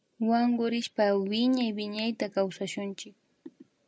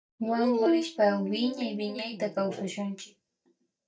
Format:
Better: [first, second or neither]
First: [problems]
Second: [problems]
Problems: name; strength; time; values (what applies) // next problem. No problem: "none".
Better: first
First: none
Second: noise reduction (neural mask model DeepFilterNet 3)